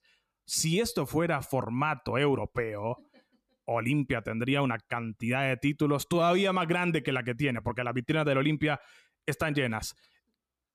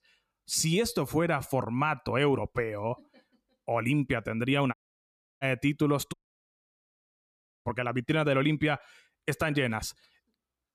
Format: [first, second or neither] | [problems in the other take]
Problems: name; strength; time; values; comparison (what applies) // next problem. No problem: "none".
first | audio cutting out; at 4.5 s for 0.5 s and at 6 s for 1.5 s